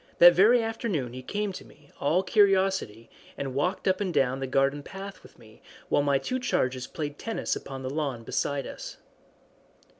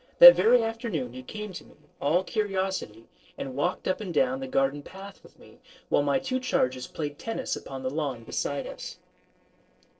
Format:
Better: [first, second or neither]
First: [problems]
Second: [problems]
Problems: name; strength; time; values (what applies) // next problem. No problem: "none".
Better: first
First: none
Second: noise reduction (neural separator model SepFormer DNS4)